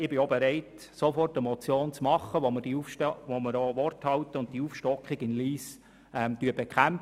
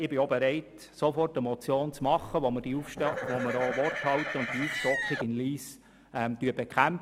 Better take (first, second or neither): first